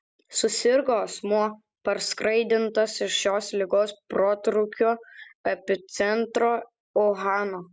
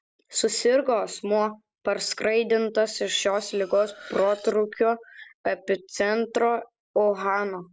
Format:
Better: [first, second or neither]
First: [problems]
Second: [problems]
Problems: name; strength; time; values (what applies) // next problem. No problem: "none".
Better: first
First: none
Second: noise reduction (neural separator model SepFormer DNS4)